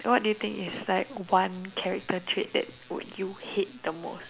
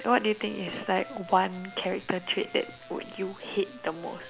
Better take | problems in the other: first | background sound (Wind instrument, woodwind instrument); 18 dB below the speech

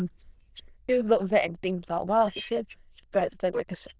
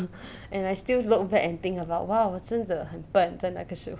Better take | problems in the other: second | noise reduction (neural diffusion model UNIVERSE++)

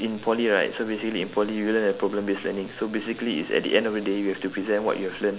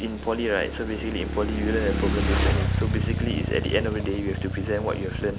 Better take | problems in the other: first | background sound (Motorcycle / Engine); 1 dB above the speech

